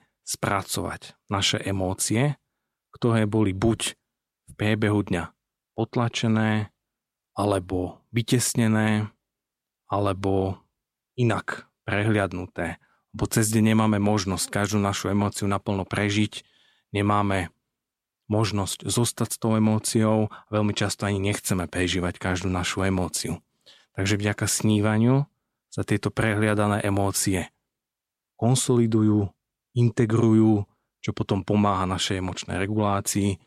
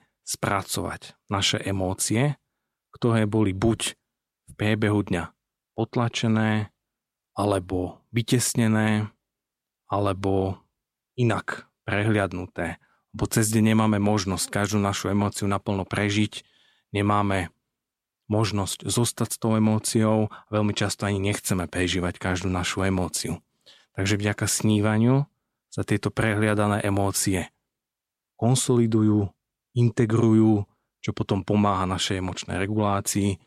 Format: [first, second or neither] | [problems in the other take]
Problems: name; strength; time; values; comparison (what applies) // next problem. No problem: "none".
neither | none